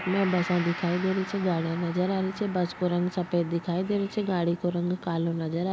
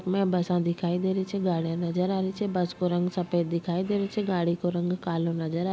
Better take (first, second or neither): second